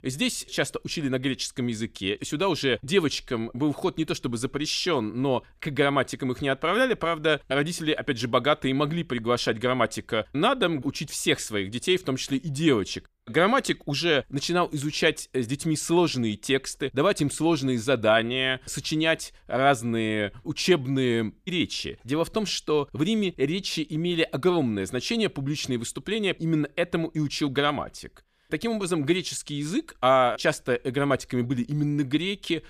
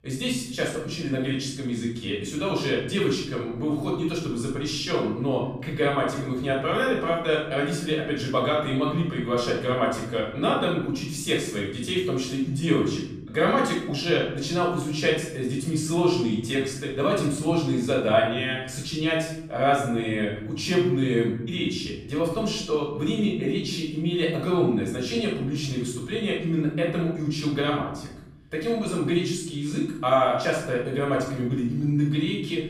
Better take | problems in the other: first | off-mic speech; far // room echo; noticeable; dies away in 0.9 s

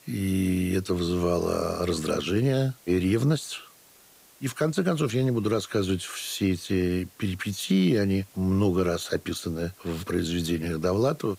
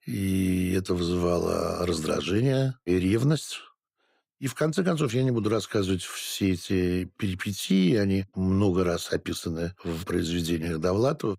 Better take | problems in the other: second | hiss; faint; throughout; 25 dB below the speech

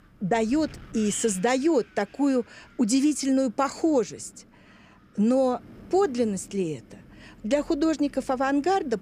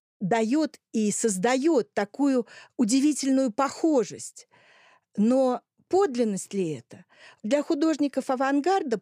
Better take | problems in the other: second | wind noise on the microphone; occasional gusts; 25 dB below the speech

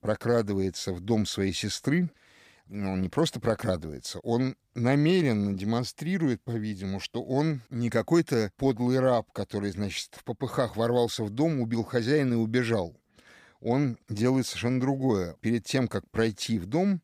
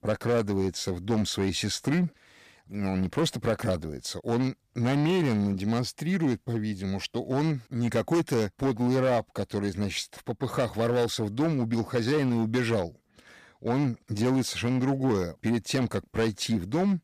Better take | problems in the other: first | distortion; slight; 9% of the sound clipped

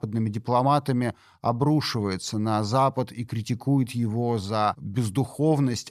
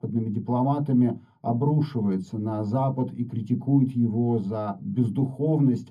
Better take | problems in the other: first | room echo; very slight; dies away in 0.3 s // off-mic speech; far

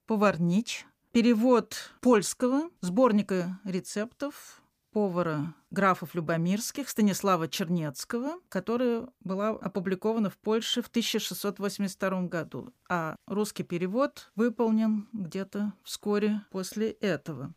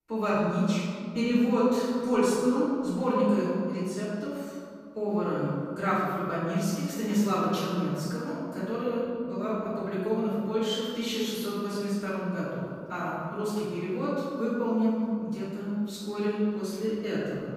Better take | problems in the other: first | off-mic speech; far // room echo; strong; dies away in 2 s

